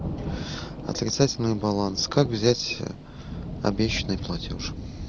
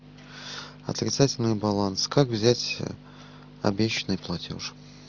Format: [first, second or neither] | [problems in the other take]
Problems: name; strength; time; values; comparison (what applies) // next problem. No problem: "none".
second | background sound (Thunder); 8 dB below the speech